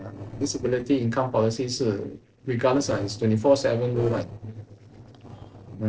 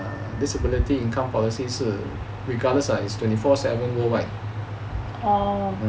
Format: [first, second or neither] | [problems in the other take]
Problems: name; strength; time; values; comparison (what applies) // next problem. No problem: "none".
second | noise reduction (neural separator model SepFormer DNS4)